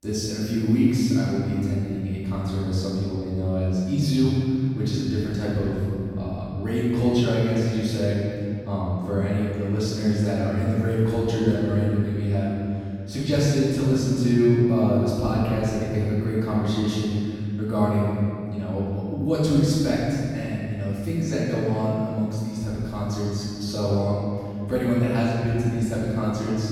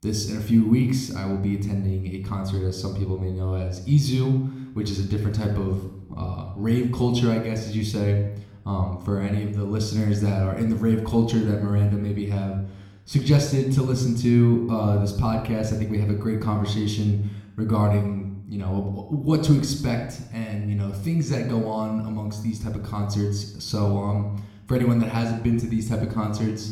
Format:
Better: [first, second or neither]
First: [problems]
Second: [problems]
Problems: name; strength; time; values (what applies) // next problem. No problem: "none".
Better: second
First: room echo; strong; dies away in 2.2 s // off-mic speech; far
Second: room echo; slight; dies away in 0.7 s